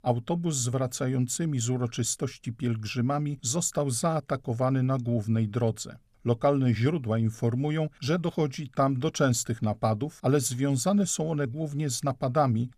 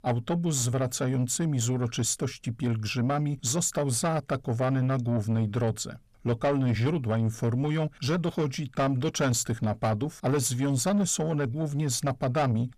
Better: first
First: none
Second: distortion; slight; 10 dB below the speech

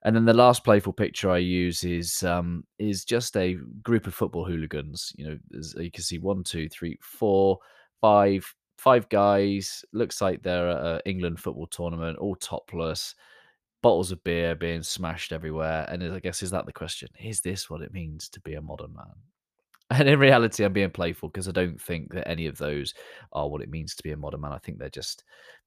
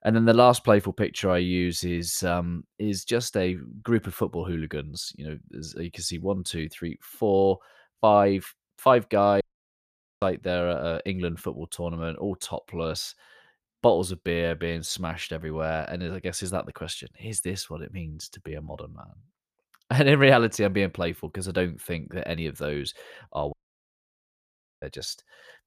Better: first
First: none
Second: audio cutting out; at 9.5 s for 1 s and at 24 s for 1.5 s

